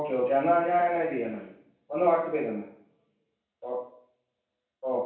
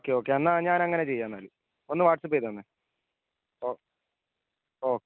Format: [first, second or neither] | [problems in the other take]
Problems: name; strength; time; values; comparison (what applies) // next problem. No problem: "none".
second | room echo; dies away in 0.7 s